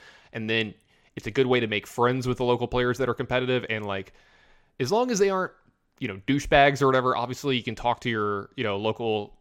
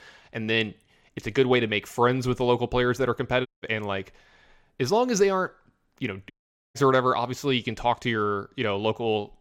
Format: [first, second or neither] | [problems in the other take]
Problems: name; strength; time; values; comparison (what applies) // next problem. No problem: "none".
first | audio cutting out; at 3.5 s and at 6.5 s